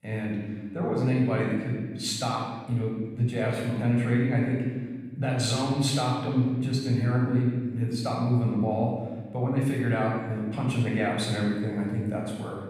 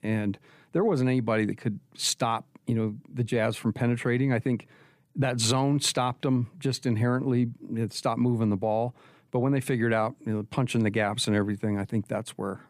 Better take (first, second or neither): second